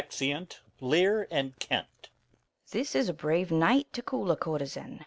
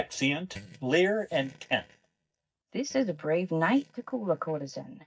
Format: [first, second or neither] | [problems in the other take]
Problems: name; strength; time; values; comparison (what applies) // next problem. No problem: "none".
first | noise reduction (neural mask model DeepFilterNet 3)